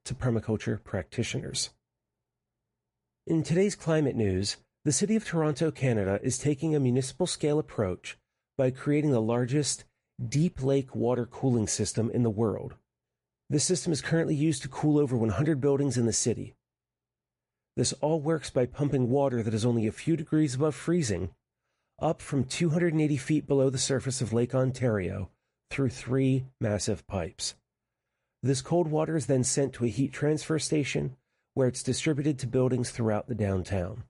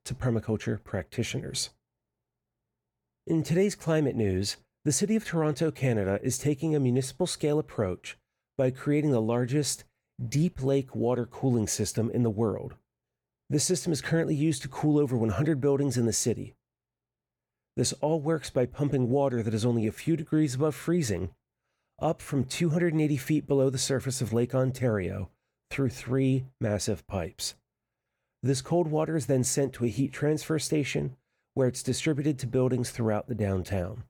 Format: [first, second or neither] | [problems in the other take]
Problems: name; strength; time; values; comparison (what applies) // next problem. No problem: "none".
second | garbled, watery; slightly; nothing above 10.5 kHz